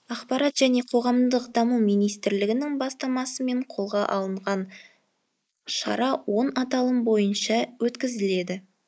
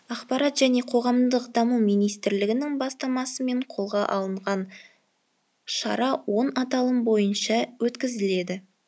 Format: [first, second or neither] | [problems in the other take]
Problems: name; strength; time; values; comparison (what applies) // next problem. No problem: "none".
second | noise reduction (neural mask model Resemble Enhance denoiser)